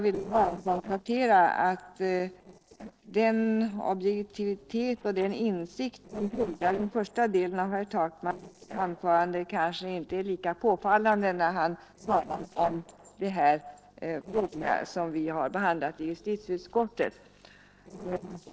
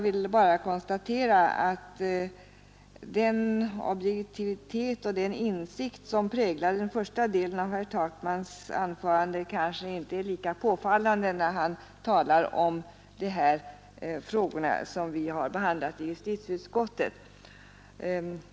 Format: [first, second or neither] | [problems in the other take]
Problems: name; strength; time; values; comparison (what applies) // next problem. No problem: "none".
second | noise reduction (neural separator model SepFormer DNS4)